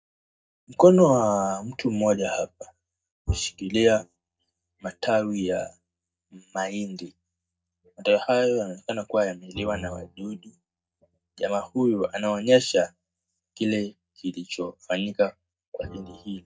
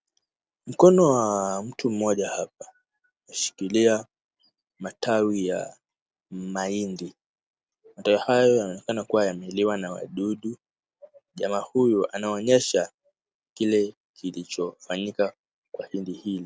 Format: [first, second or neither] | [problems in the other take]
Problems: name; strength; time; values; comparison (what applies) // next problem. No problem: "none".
second | noise reduction (neural mask model DeepFilterNet 3)